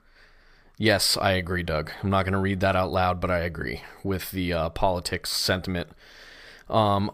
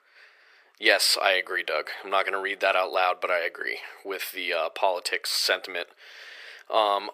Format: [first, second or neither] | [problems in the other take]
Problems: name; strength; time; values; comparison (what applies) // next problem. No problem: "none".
first | thin; very; fading below 400 Hz